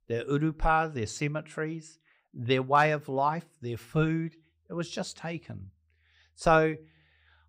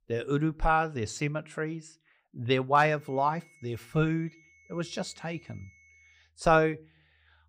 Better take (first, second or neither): first